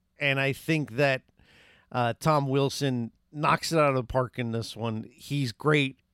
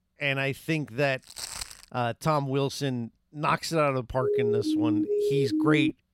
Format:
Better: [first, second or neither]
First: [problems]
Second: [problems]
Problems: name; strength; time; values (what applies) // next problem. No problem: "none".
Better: first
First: none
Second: footsteps; noticeable; at 1.5 s; peak 6 dB below the speech // siren; loud; from 4 s on; peak 3 dB above the speech